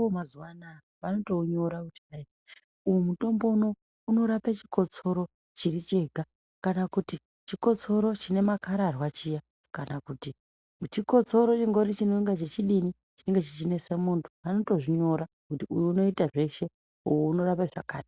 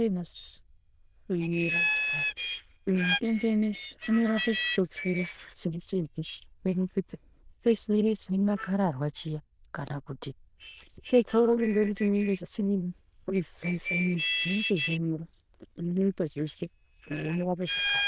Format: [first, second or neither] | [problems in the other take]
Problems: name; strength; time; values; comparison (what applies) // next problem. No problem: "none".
first | noise reduction (neural diffusion model UNIVERSE++)